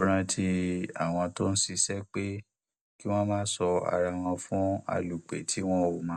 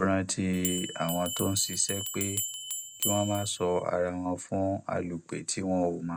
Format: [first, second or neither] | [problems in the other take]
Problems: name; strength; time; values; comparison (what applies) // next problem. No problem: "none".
first | background sound (Bell); 6 dB below the speech